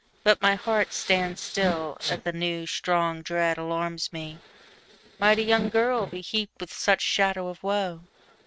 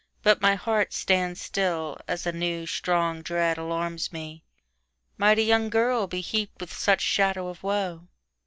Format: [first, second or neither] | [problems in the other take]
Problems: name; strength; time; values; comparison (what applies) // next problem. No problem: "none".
second | noise reduction (neural mask model RNNoise)